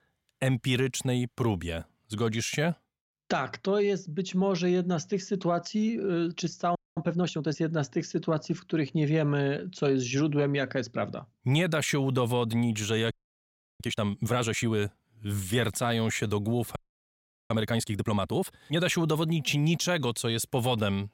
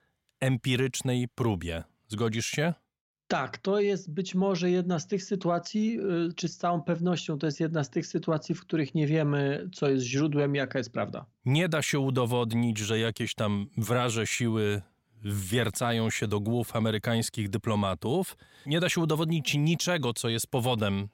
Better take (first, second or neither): second